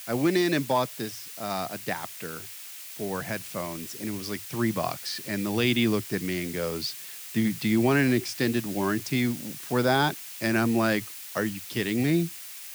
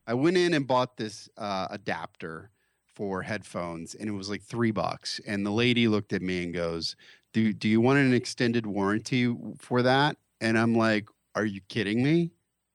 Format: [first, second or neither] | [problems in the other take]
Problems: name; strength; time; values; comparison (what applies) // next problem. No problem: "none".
second | hiss; noticeable; throughout; 10 dB below the speech